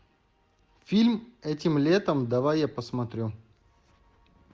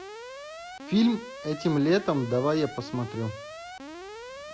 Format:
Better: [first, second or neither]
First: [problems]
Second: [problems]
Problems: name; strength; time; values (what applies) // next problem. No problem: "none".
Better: first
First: none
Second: background sound (Alarm); 13 dB below the speech